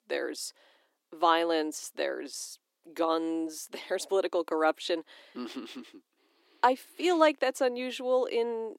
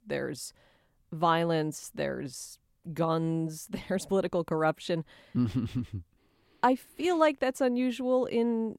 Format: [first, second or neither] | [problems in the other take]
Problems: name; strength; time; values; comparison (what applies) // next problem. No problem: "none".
second | thin; somewhat; fading below 300 Hz